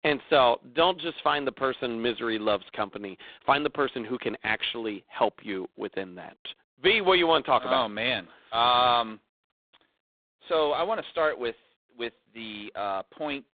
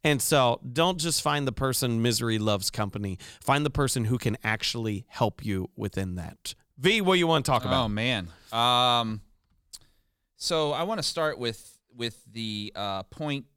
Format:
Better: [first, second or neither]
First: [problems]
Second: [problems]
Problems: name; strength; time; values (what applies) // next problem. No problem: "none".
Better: second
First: phone-call audio; poor line; nothing above 3.5 kHz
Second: none